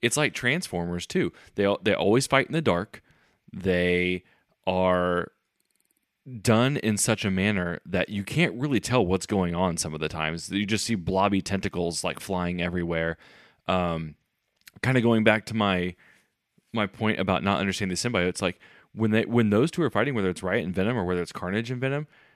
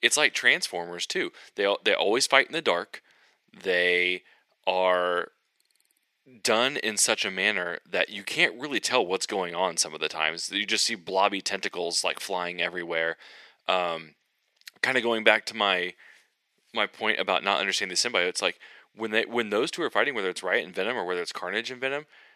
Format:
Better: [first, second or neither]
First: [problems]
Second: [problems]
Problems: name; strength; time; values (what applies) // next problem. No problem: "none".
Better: first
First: none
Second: thin; very; fading below 450 Hz